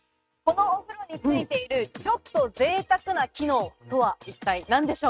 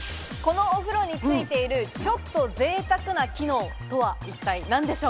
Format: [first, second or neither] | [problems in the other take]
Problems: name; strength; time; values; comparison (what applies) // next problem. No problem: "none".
second | noise reduction (neural mask model RNNoise)